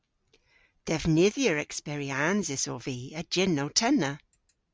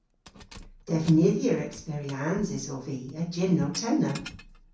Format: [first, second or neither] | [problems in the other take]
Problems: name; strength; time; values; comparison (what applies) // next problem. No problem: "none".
first | background sound (Keys jangling); 20 dB below the speech // room echo; dies away in 0.6 s